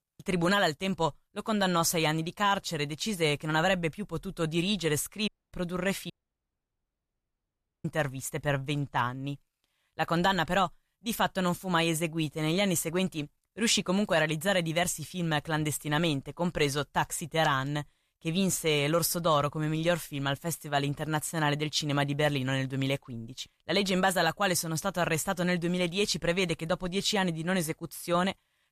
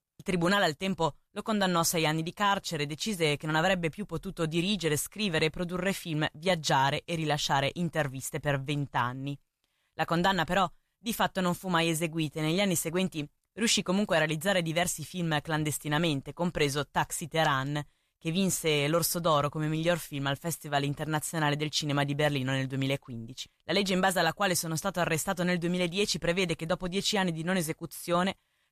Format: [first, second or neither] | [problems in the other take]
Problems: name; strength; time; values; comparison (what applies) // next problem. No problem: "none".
second | audio cutting out; at 5.5 s and at 6 s for 1.5 s